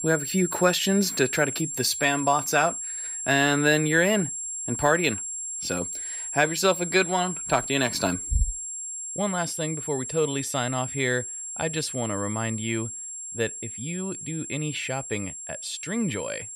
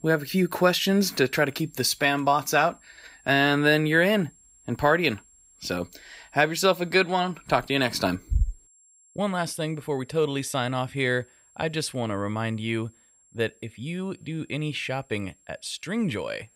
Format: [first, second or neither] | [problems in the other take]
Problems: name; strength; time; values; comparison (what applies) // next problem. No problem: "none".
second | high-pitched whine; loud; throughout; 7.5 kHz, 6 dB below the speech; faint in the second